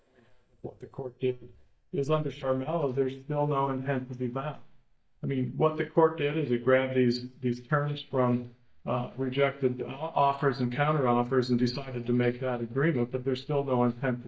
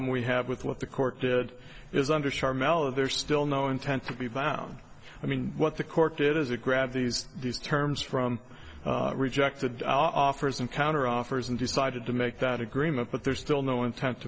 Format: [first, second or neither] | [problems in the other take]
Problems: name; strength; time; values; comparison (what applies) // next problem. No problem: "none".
second | noise reduction (neural mask model DeepFilterNet 3)